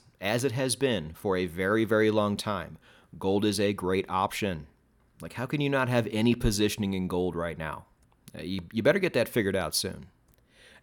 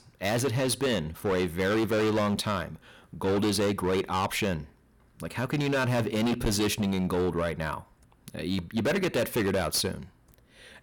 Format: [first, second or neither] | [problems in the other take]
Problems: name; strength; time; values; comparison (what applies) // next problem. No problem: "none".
first | distortion; heavy; 16% of the sound clipped